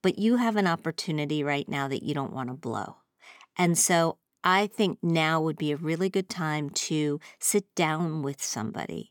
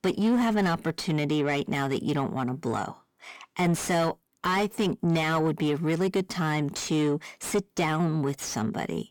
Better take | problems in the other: first | distortion; heavy; 7 dB below the speech

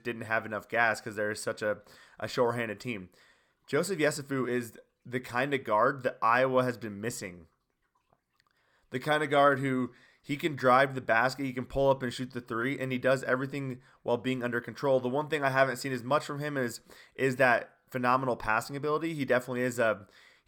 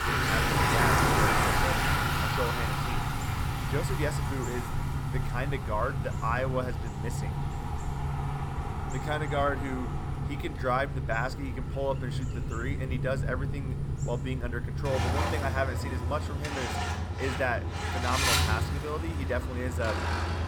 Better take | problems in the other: first | traffic noise; very loud; throughout; 4 dB above the speech

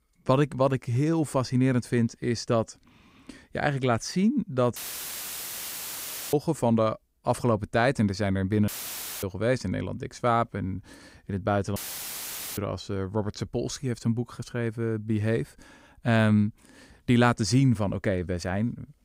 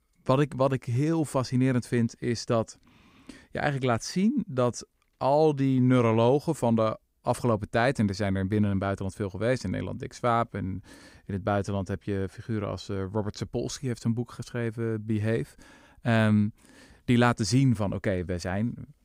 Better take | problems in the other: second | audio cutting out; filled with static; at 5 s for 1.5 s, at 8.5 s for 0.5 s and at 12 s for 1 s

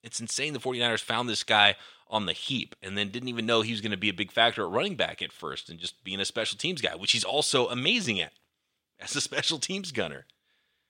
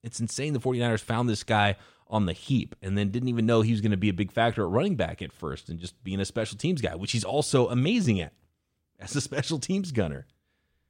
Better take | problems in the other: second | thin; somewhat; fading below 600 Hz

